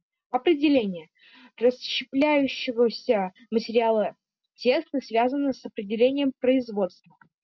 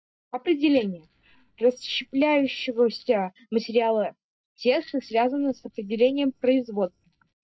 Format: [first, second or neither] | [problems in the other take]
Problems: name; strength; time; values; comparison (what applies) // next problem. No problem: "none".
first | noise reduction (neural mask model DeepFilterNet 3)